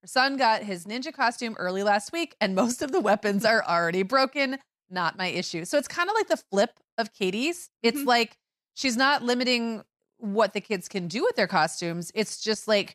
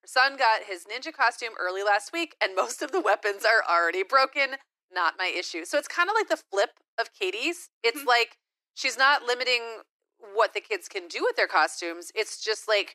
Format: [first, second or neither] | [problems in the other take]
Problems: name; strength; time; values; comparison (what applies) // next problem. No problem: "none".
first | thin; very; fading below 300 Hz